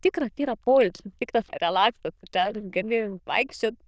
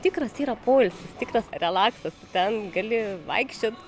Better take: second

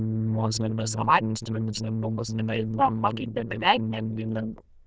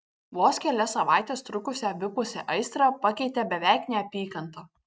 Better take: second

